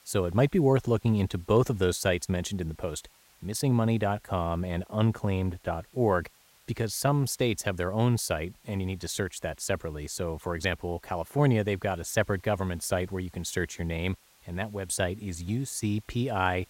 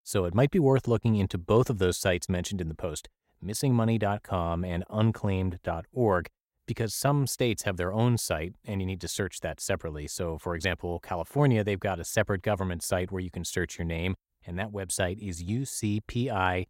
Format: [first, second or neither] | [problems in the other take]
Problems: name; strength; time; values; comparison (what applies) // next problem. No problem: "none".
second | hiss; faint; throughout; 30 dB below the speech